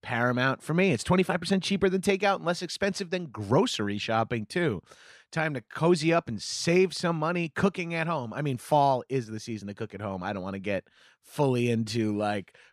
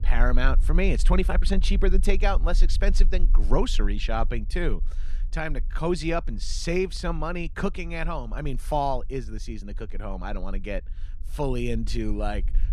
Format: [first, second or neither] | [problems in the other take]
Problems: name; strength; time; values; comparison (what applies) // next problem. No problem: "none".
first | low rumble; faint; throughout; 25 dB below the speech